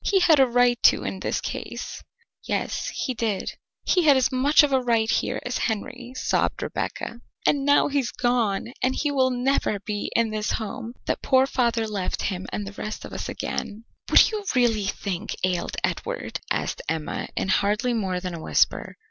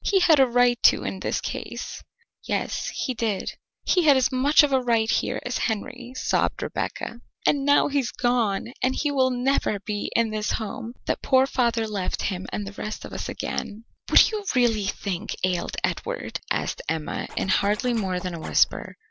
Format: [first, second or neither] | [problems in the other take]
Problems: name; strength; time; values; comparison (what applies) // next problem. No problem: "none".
first | noise reduction (neural separator model SepFormer DNS4)